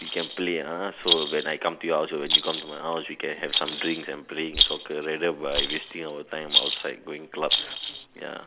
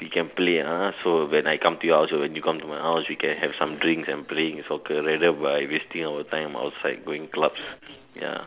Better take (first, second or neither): second